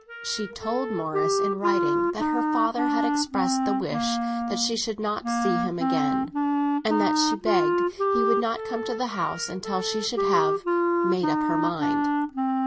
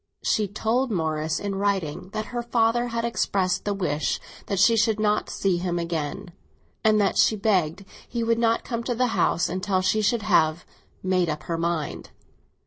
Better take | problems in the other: second | background sound (Wind instrument, woodwind instrument); 4 dB above the speech

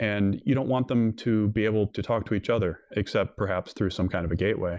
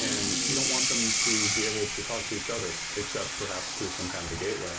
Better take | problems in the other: first | background sound (Sink (filling or washing) / Water tap, faucet); 5 dB above the speech // room echo; dies away in 0.2 s

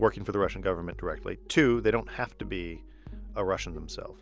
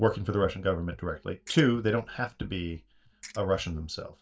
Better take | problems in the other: first | noise reduction (neural mask model DeepFilterNet 3)

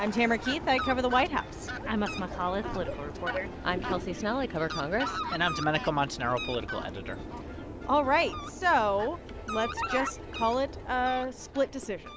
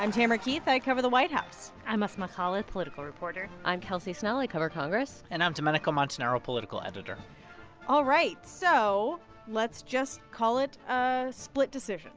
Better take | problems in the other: second | background sound (Fowl); 7 dB below the speech

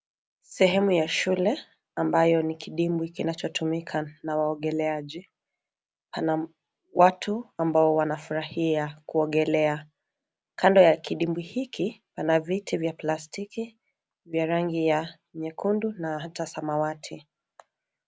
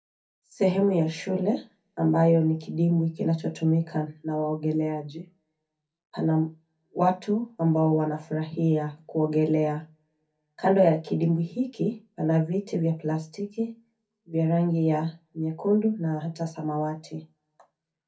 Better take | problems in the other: first | room echo; dies away in 0.3 s

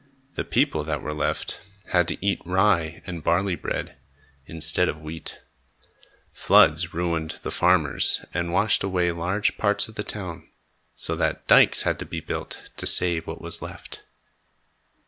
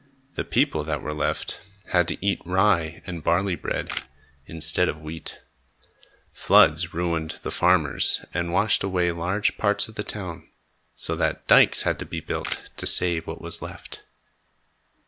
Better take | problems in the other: first | background sound (Camera); 13 dB below the speech

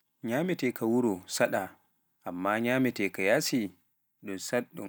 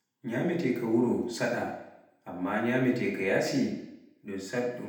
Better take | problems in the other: first | room echo; dies away in 0.8 s

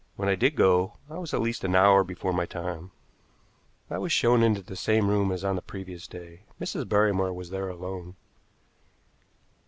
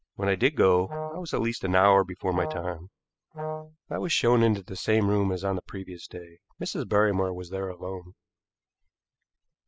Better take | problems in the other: first | noise reduction (classical method spectral subtraction)

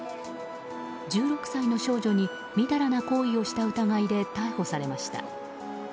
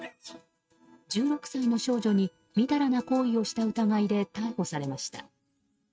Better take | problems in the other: first | noise reduction (neural mask model RNNoise)

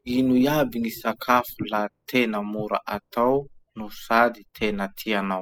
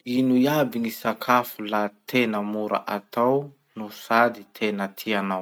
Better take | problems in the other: second | noise reduction (classical method spectral subtraction)

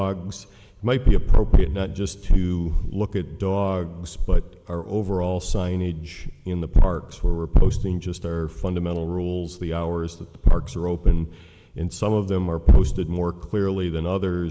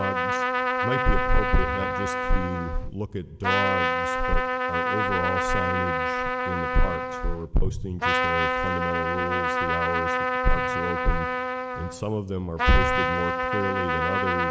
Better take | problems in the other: first | background sound (Trumpet); 1 dB above the speech

